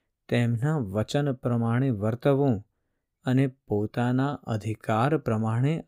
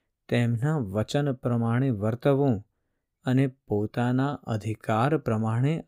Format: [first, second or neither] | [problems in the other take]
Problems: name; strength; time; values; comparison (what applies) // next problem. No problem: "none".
neither | none